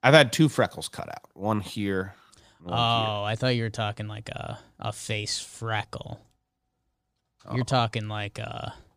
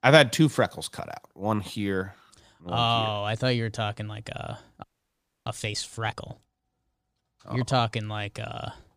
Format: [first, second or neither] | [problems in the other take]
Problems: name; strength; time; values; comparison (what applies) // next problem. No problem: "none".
first | audio freezing; at 5 s for 0.5 s